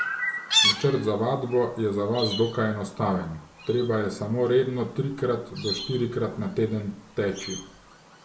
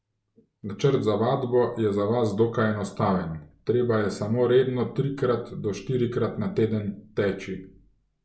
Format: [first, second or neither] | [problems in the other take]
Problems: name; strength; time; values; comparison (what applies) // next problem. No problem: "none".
second | background sound (Chirp, tweet); 6 dB below the speech